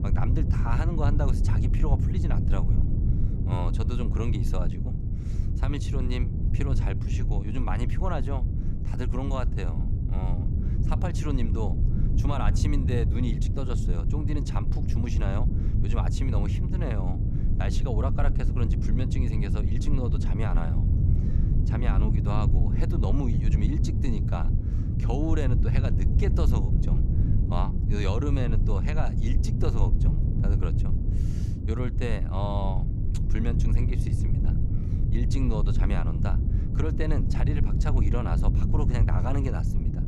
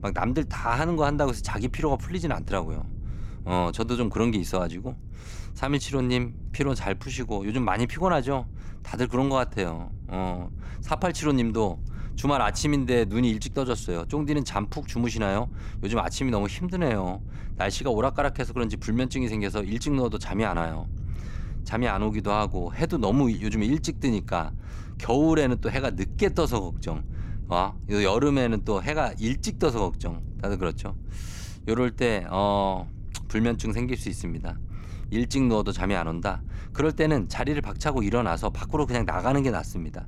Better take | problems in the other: second | low rumble; loud; throughout; 3 dB below the speech; faint in the second

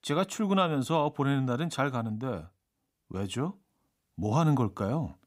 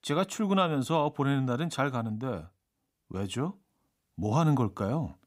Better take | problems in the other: neither | none

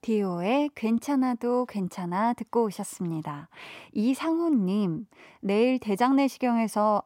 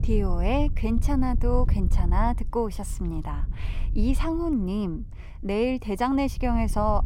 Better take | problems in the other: first | wind noise on the microphone; occasional gusts; 20 dB below the speech

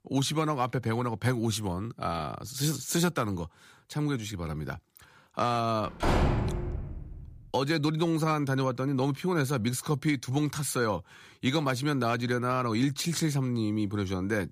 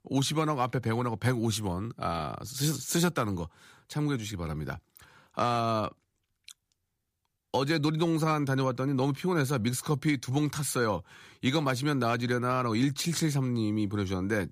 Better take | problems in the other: second | door banging; loud; from 6 to 7.5 s; peak 3 dB above the speech

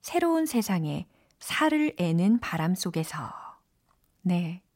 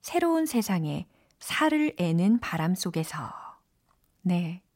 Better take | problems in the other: neither | none

